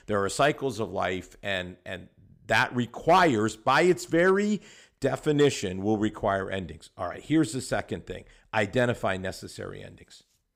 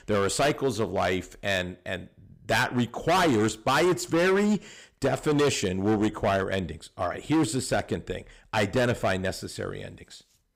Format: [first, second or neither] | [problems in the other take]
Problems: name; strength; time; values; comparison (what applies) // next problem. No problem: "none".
first | distortion; heavy; 11% of the sound clipped